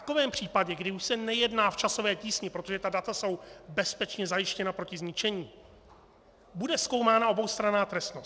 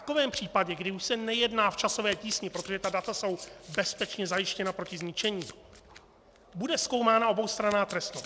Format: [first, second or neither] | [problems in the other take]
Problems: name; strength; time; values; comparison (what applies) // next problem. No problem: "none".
first | background sound (Domestic sounds, home sounds); 20 dB below the speech